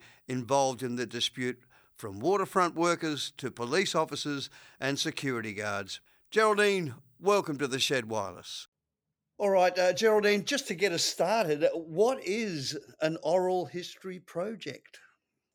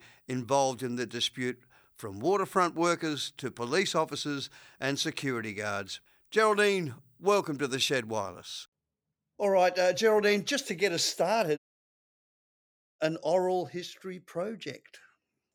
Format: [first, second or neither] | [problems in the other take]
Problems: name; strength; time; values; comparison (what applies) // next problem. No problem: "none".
first | audio cutting out; at 12 s for 1.5 s